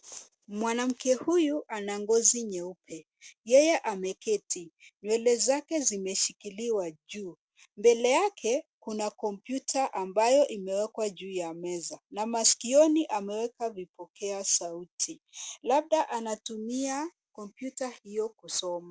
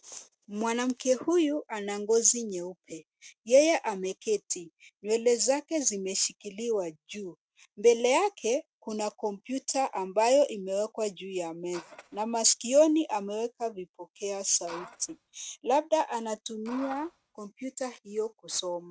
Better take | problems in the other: first | noise reduction (neural mask model RNNoise)

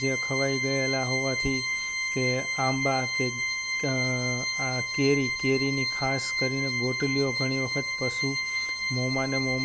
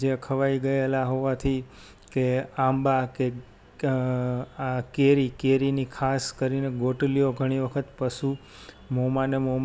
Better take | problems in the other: second | background sound (Organ); as loud as the speech

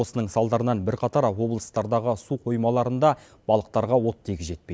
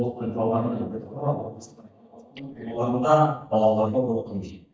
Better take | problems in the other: first | noise reduction (neural mask model DeepFilterNet 3)

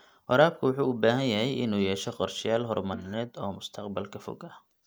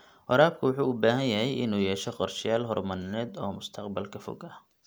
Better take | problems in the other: second | noise reduction (neural mask model DeepFilterNet 3)

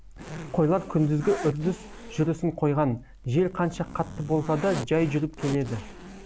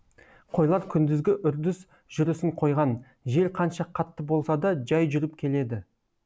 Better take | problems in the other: second | background sound (Zipper (clothing)); 13 dB below the speech

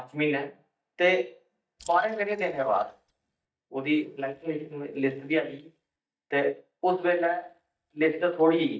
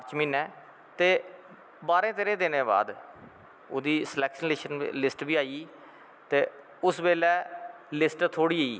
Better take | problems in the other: second | noise reduction (neural mask model DeepFilterNet 3)

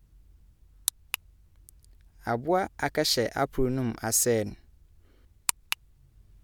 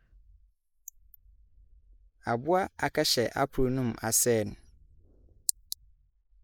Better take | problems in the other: first | noise reduction (neural mask model Resemble Enhance denoiser)

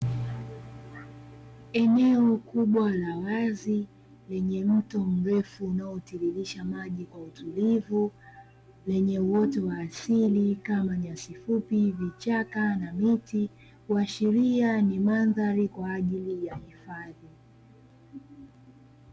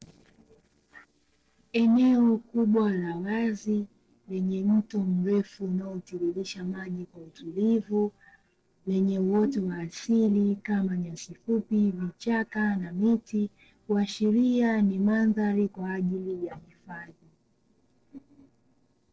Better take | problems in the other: first | noise reduction (neural separator model SepFormer DNS4)

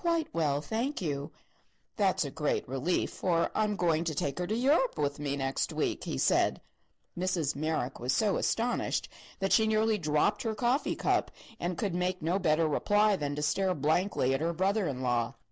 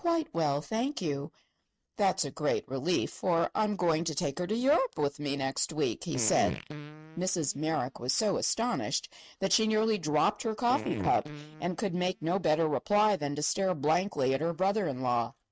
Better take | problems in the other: first | noise reduction (neural mask model RNNoise)

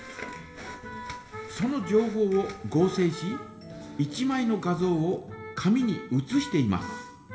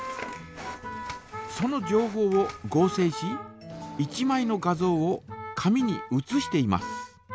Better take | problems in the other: second | room echo; dies away in 2.8 s

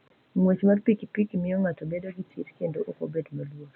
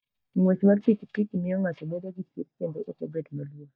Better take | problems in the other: first | noise reduction (neural mask model DeepFilterNet 3)

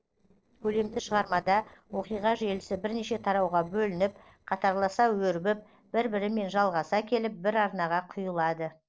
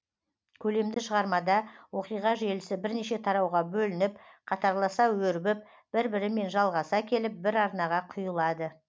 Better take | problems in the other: second | noise reduction (neural separator model SepFormer DNS4)

